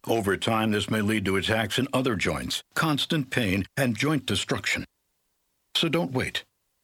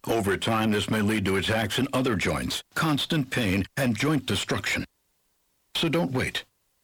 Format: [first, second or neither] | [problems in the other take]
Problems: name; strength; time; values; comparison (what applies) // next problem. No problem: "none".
first | distortion; slight; 10 dB below the speech